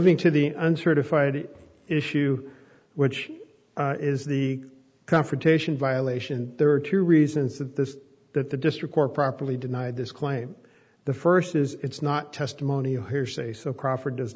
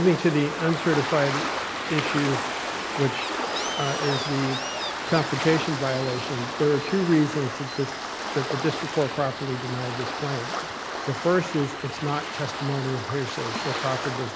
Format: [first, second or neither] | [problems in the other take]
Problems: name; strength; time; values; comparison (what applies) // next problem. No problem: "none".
first | background sound (Waves, surf); 4 dB below the speech